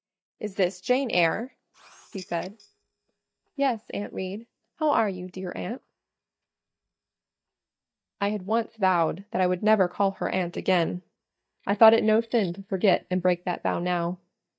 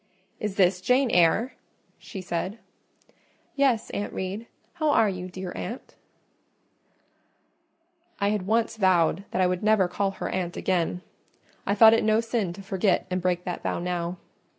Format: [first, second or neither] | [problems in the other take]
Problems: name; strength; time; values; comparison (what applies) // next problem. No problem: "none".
second | noise reduction (neural mask model DeepFilterNet 3)